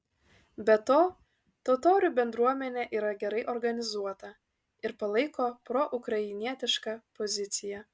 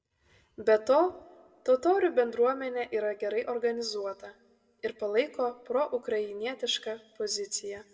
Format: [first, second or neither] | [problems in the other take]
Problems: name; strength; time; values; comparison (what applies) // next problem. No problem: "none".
first | room echo; dies away in 1 s